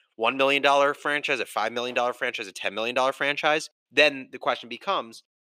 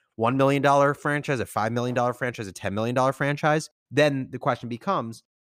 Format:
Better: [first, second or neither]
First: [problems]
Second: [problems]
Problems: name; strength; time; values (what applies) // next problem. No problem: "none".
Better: second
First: thin; somewhat; fading below 400 Hz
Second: none